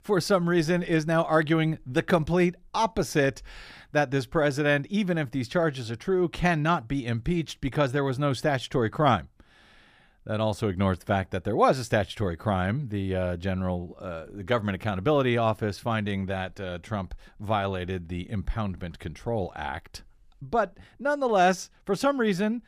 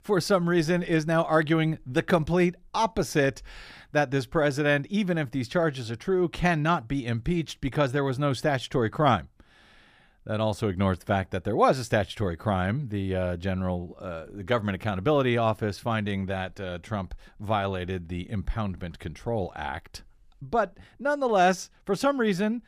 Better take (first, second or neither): neither